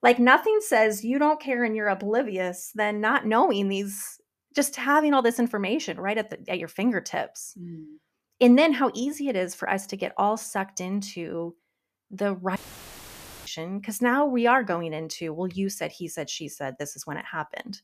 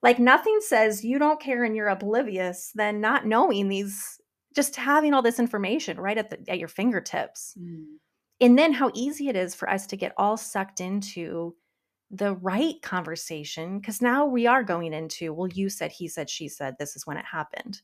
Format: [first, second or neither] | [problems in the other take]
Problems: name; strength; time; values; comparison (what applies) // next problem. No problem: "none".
second | audio cutting out; filled with static; at 13 s for 1 s